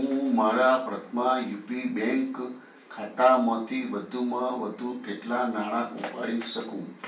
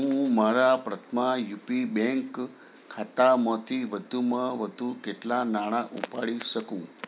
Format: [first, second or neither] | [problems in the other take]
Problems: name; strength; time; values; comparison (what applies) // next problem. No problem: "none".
second | room echo; dies away in 0.3 s